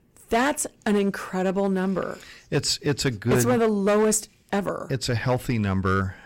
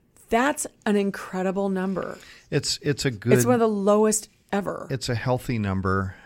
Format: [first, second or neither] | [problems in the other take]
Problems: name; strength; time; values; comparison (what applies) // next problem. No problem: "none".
second | distortion; slight; 6% of the sound clipped